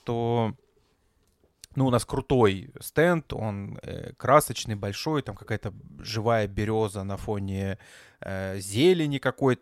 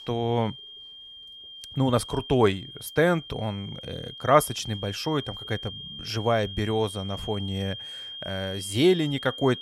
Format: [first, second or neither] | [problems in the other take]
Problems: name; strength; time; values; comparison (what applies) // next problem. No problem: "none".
first | high-pitched whine; noticeable; throughout; 3 kHz, 10 dB below the speech